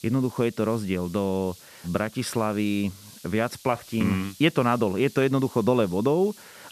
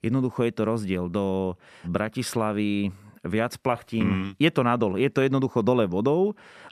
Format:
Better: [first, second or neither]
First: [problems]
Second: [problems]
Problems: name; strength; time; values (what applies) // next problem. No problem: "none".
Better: second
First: hiss; faint; throughout; 20 dB below the speech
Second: none